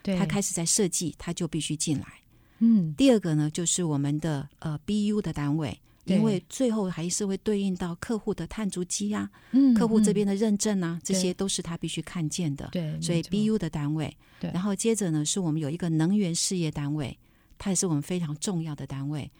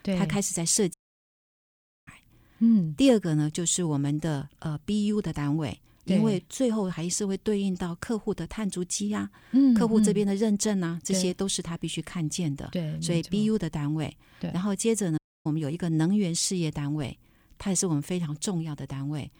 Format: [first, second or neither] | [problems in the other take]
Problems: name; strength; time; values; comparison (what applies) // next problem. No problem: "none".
first | audio cutting out; at 1 s for 1 s and at 15 s